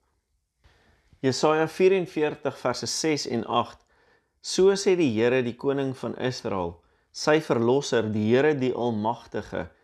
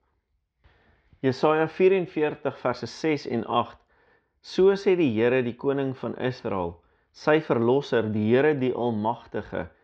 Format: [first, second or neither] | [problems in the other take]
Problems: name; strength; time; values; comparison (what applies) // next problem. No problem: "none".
first | muffled; slightly; fading above 3.5 kHz